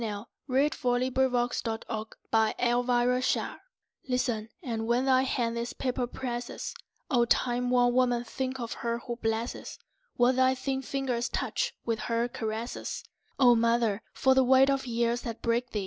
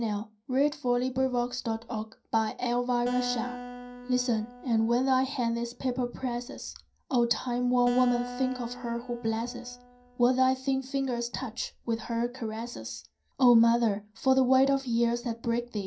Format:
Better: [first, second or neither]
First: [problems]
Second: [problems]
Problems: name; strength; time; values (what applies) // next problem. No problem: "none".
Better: first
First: none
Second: background sound (Acoustic guitar); 13 dB below the speech // room echo; dies away in 0.3 s